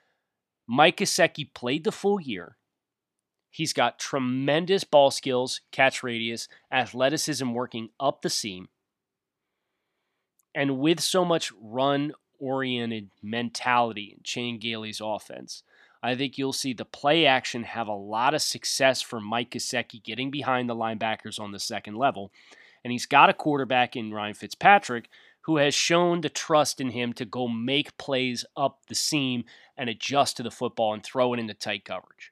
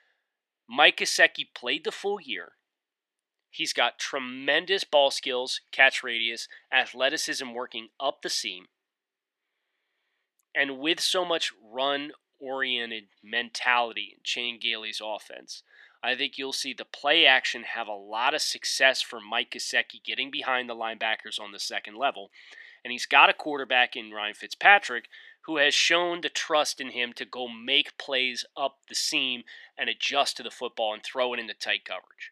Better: first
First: none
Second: thin; somewhat; fading below 400 Hz

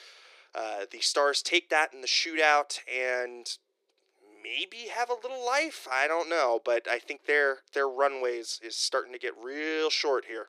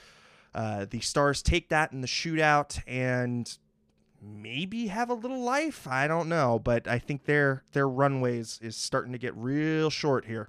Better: second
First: thin; very; fading below 350 Hz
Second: none

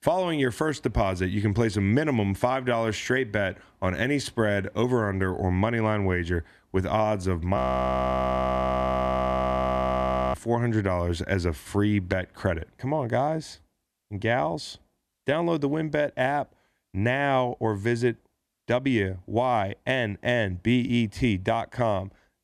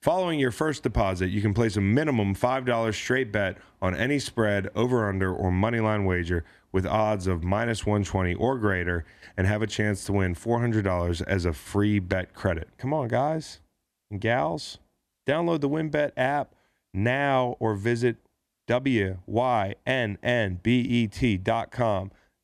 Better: second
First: audio freezing; at 7.5 s for 3 s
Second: none

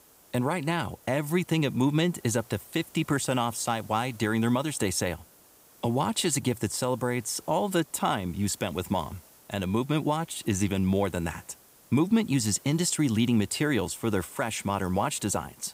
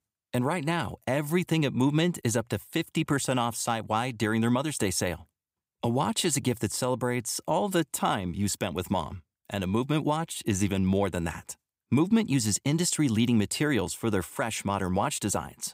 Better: second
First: hiss; faint; throughout; 25 dB below the speech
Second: none

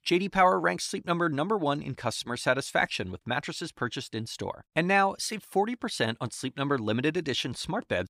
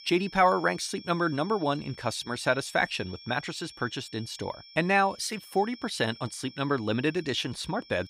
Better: first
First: none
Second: high-pitched whine; noticeable; throughout; 5.5 kHz, 20 dB below the speech

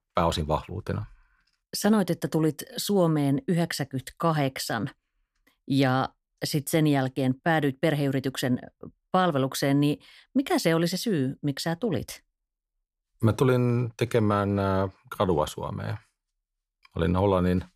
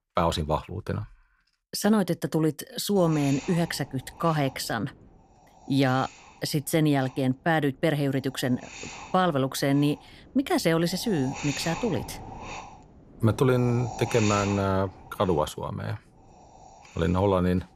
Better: first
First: none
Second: wind noise on the microphone; occasional gusts; from 3 s on; 10 dB below the speech

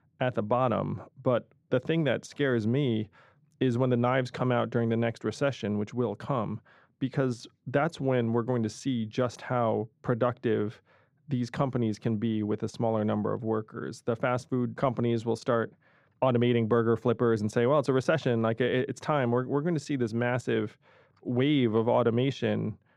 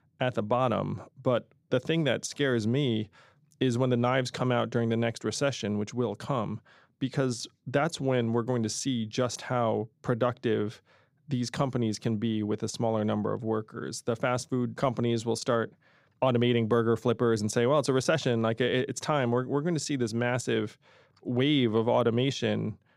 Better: second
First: muffled; slightly; fading above 3.5 kHz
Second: none

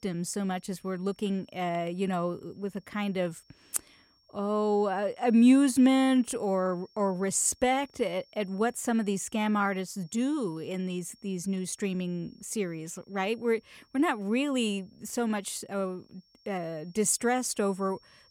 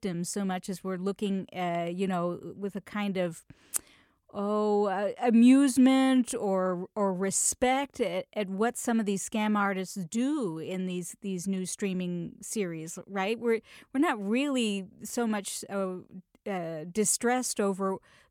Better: second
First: high-pitched whine; faint; throughout; 5.5 kHz, 35 dB below the speech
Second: none

